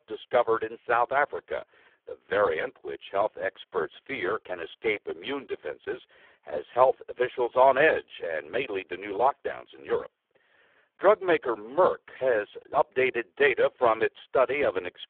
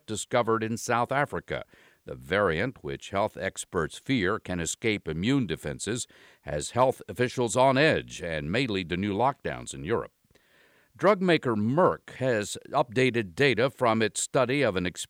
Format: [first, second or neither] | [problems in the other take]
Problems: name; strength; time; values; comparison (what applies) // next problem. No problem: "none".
second | phone-call audio; poor line